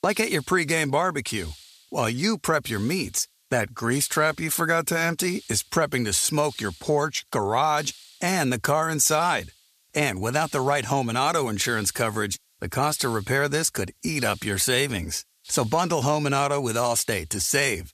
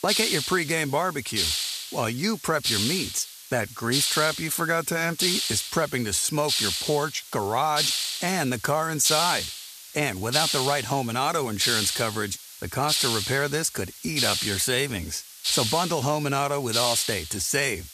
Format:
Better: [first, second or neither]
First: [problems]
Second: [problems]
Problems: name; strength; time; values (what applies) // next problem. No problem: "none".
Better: first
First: hiss; faint; throughout; 25 dB below the speech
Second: hiss; loud; throughout; as loud as the speech